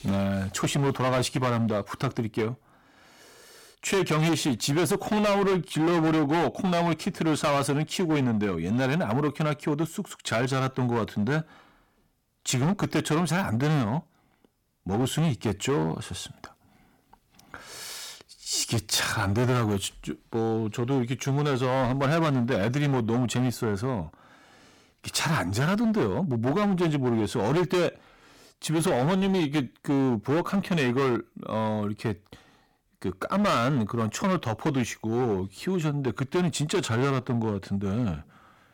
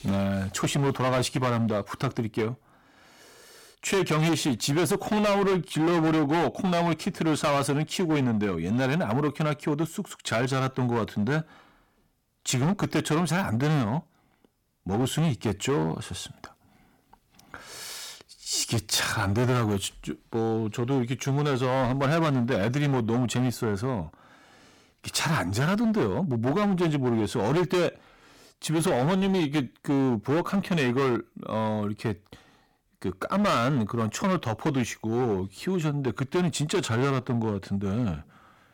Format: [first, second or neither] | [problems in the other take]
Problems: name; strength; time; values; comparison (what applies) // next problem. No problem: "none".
neither | distortion; heavy; 15% of the sound clipped; the same in both